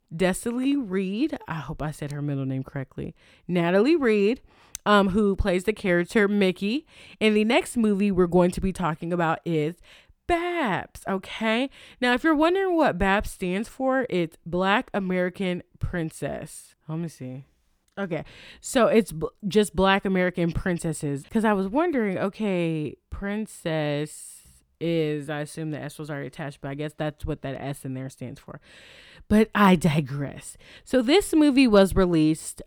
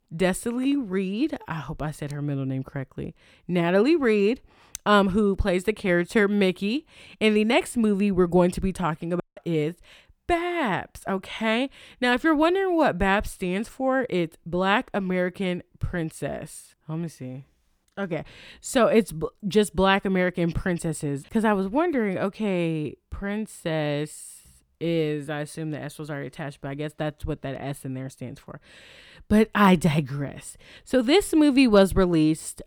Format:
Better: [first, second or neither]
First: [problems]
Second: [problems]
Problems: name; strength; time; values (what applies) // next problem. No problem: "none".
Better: first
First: none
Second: audio cutting out; at 9 s